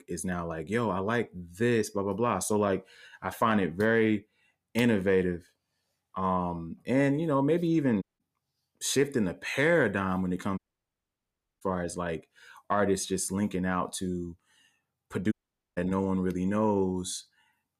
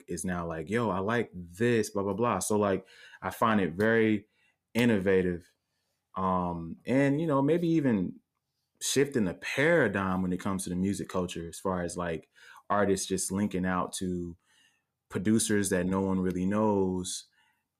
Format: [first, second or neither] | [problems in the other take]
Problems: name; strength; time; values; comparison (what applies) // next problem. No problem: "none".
second | audio cutting out; at 8 s, at 11 s for 1 s and at 15 s